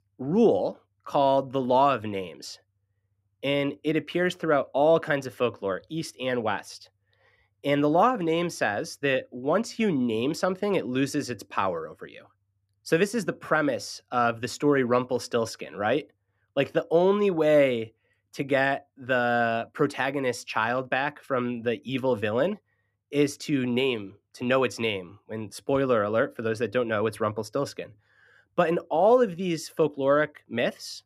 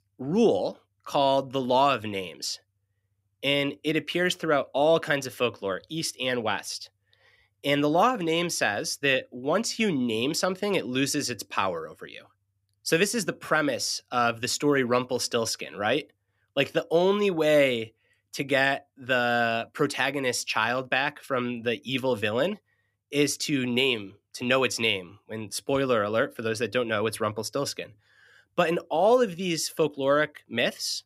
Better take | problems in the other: second | muffled; slightly; fading above 2 kHz

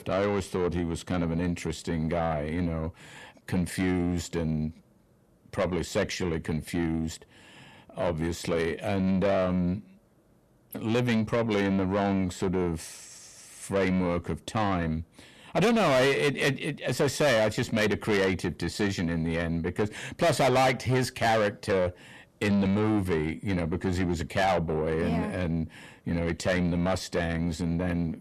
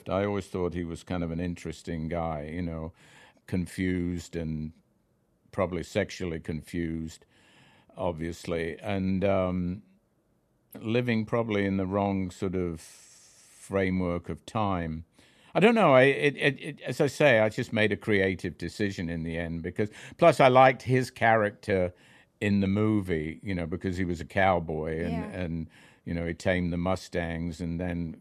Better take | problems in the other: second | distortion; heavy; 6 dB below the speech

